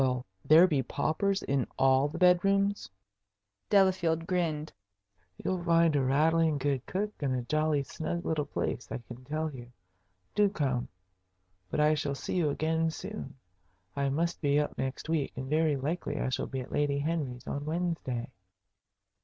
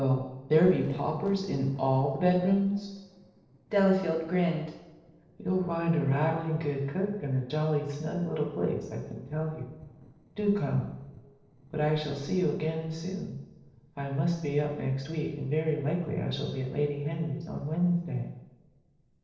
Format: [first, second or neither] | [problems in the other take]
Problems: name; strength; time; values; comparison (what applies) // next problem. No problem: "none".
first | noise reduction (neural separator model SepFormer DNS4)